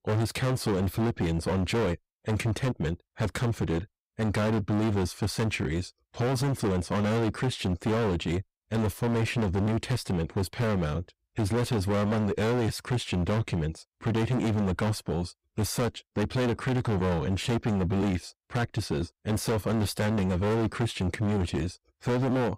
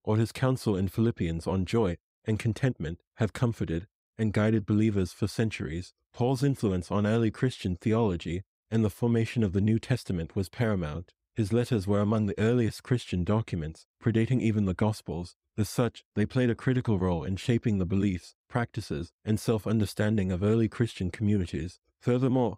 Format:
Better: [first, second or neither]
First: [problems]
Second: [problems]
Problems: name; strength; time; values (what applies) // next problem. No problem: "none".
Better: second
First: distortion; heavy; 27% of the sound clipped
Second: none